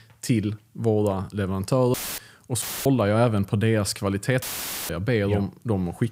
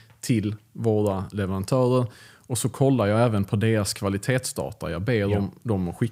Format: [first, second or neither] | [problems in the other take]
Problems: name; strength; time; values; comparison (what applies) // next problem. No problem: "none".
second | audio cutting out; filled with static; at 2 s, at 2.5 s and at 4.5 s